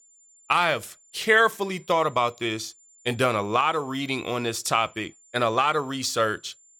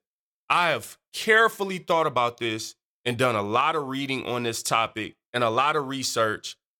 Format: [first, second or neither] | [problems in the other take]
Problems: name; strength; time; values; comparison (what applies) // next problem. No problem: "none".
second | high-pitched whine; faint; throughout; 7 kHz, 30 dB below the speech